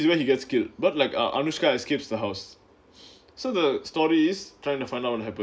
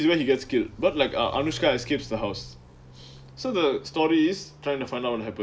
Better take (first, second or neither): first